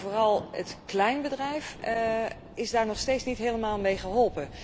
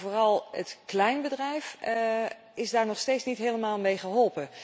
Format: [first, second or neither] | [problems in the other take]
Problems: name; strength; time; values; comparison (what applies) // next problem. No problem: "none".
second | background sound (Thunder); 15 dB below the speech